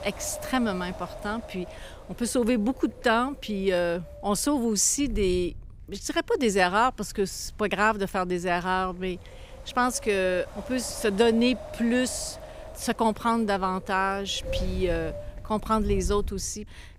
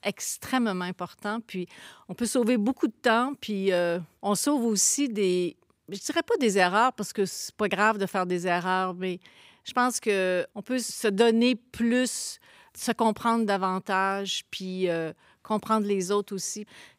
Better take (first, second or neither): second